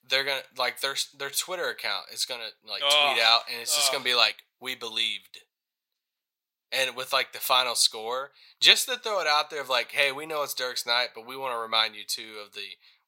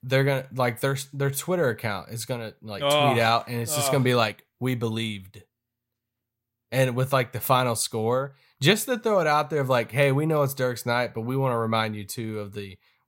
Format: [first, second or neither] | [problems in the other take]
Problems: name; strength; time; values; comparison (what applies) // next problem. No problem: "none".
second | thin; very; fading below 650 Hz